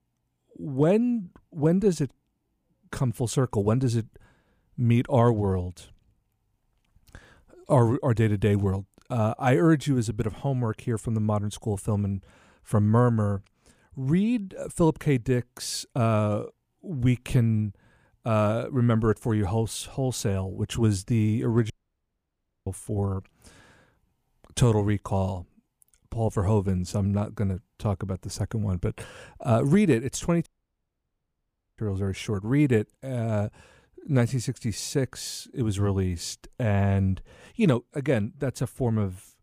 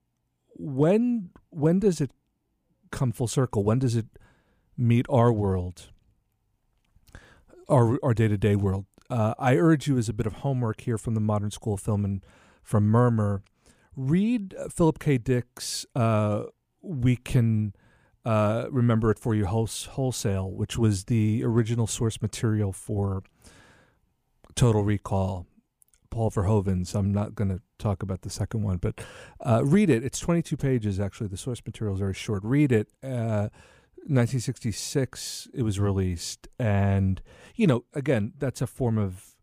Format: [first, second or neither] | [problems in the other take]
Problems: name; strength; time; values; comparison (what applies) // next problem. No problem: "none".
second | audio cutting out; at 22 s for 1 s and at 30 s for 1.5 s